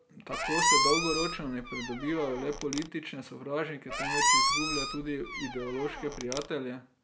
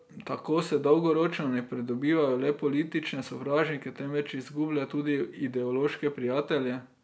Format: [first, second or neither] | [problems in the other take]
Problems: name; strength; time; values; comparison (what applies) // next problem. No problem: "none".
second | background sound (Squeak); 4 dB above the speech